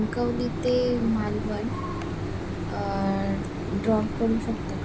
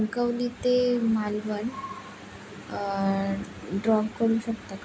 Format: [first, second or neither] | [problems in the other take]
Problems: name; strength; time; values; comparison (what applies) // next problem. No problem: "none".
second | background sound (Mechanisms); 3 dB below the speech